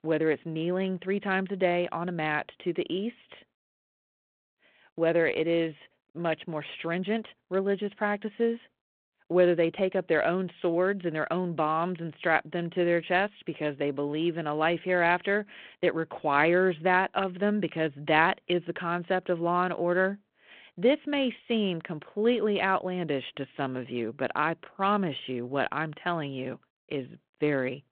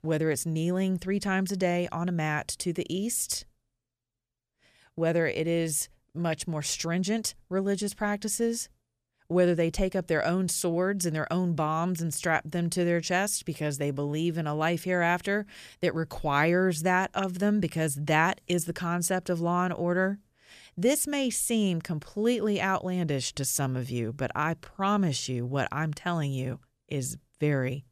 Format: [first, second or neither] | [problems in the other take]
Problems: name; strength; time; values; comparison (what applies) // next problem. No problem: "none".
second | phone-call audio